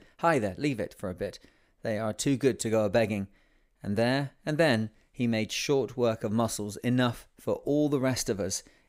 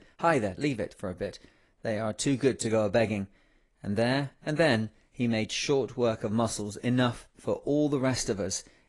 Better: first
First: none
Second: garbled, watery; slightly; nothing above 10.5 kHz

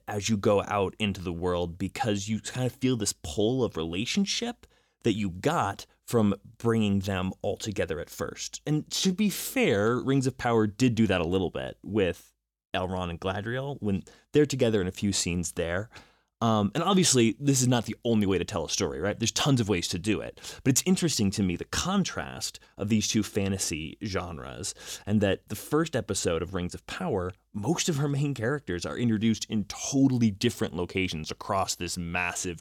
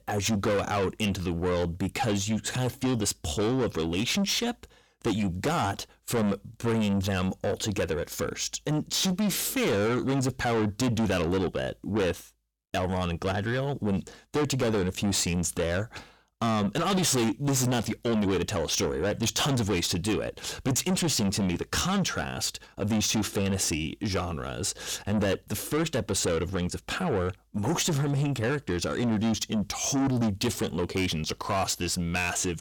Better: first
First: none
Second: distortion; heavy; 7 dB below the speech

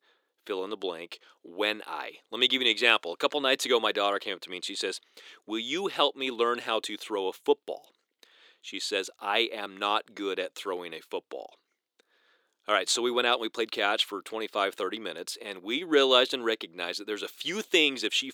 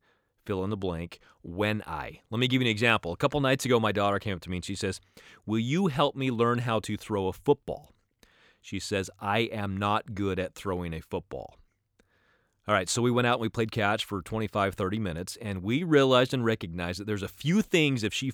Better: second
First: thin; somewhat; fading below 350 Hz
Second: none

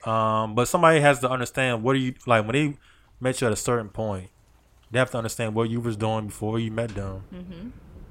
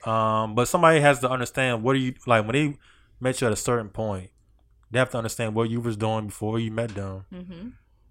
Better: second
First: rain or running water; faint; throughout; 30 dB below the speech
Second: none

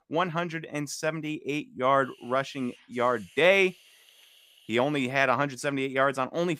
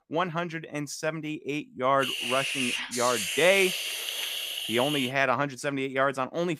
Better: first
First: hiss; faint; from 2 to 5 s; 25 dB below the speech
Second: hiss; loud; from 2 to 5 s; 2 dB below the speech

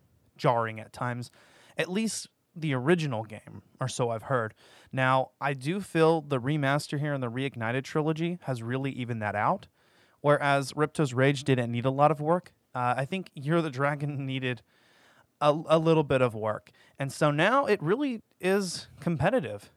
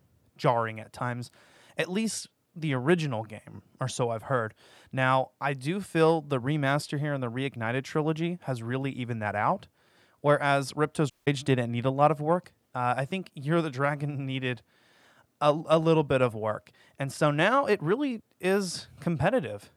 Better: first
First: none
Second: audio cutting out; at 11 s

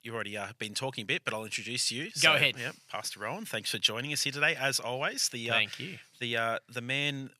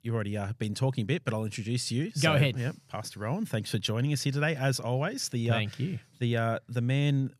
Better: second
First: thin; somewhat; fading below 1 kHz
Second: none

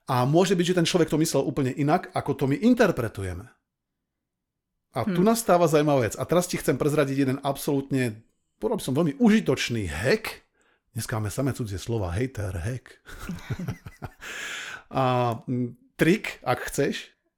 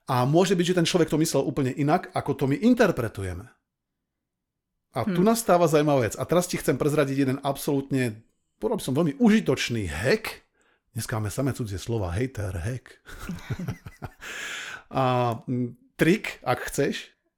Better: neither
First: none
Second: none

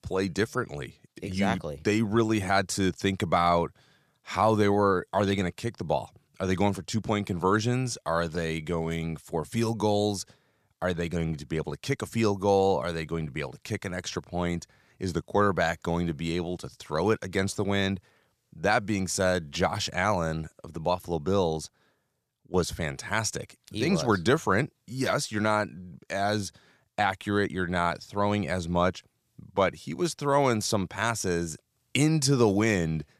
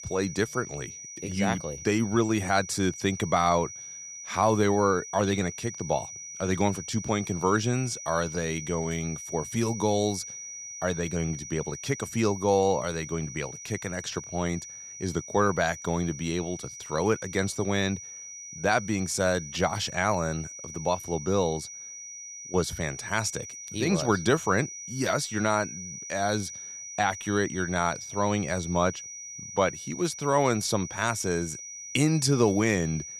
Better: first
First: none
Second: high-pitched whine; noticeable; throughout; 6 kHz, 10 dB below the speech

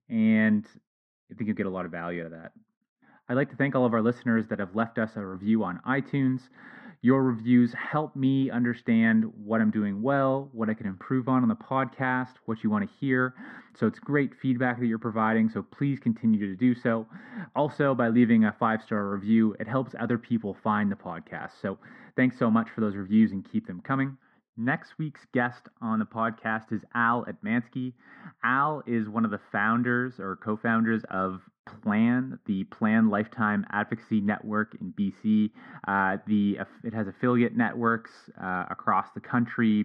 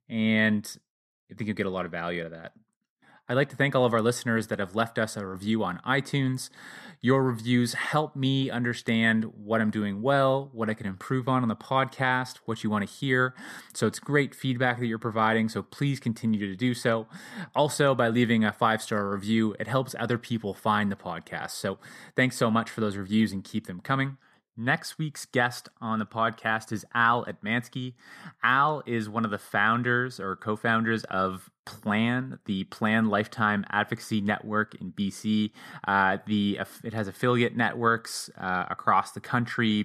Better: second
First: muffled; very; fading above 2 kHz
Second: none

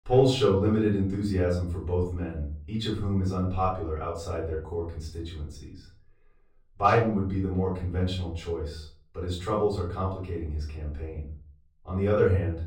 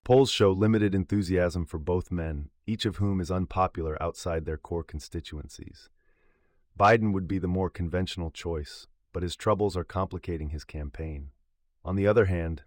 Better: second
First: off-mic speech; far // room echo; slight; dies away in 0.5 s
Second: none

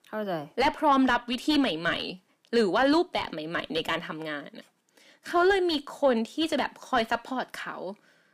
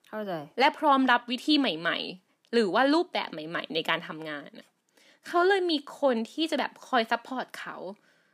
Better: second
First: distortion; slight; 10 dB below the speech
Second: none

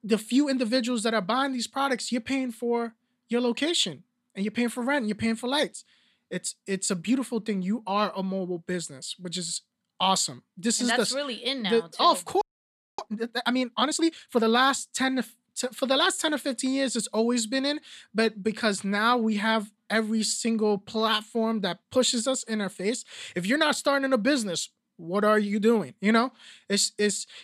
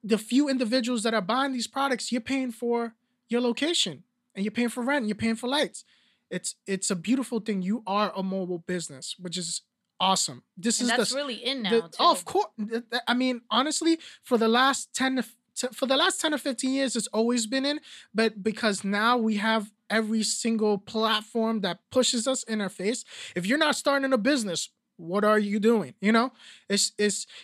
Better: second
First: audio freezing; at 12 s for 0.5 s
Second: none

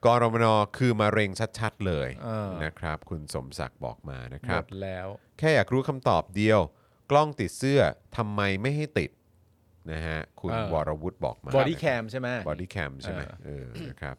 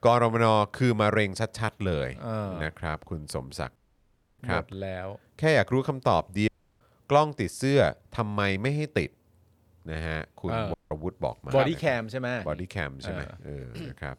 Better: first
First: none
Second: audio cutting out; at 4 s for 0.5 s, at 6.5 s and at 11 s

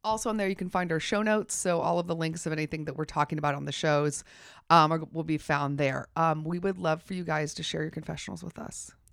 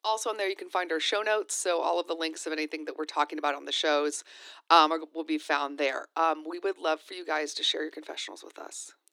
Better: first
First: none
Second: thin; somewhat; fading below 300 Hz

